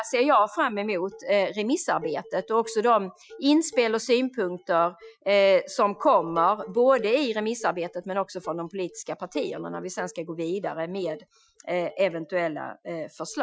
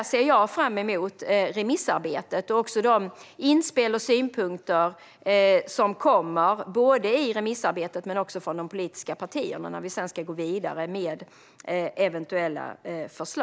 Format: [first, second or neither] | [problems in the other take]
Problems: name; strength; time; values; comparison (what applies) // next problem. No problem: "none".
second | noise reduction (classical method Wiener filter)